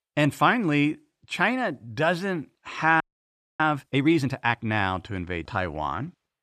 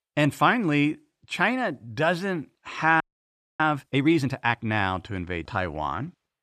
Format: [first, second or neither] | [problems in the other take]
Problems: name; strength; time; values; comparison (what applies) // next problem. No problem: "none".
neither | audio freezing; at 3 s for 0.5 s; the same in both